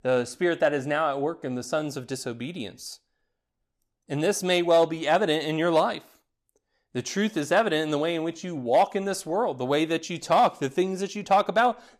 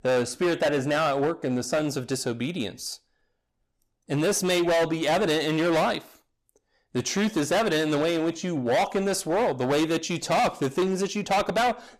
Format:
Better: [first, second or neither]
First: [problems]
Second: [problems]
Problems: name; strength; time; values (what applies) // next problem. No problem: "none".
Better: first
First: none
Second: distortion; heavy; 16% of the sound clipped